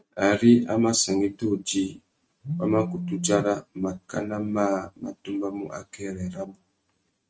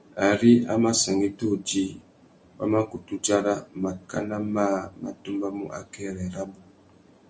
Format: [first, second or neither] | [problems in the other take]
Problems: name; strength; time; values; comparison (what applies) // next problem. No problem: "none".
second | noise reduction (neural mask model RNNoise)